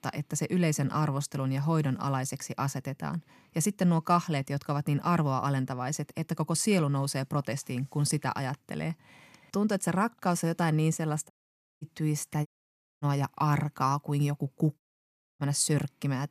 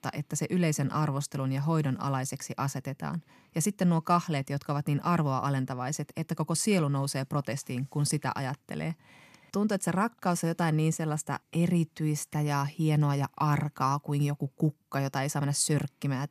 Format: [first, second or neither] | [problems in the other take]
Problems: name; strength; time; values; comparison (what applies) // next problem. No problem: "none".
second | audio cutting out; at 11 s for 0.5 s, at 12 s for 0.5 s and at 15 s for 0.5 s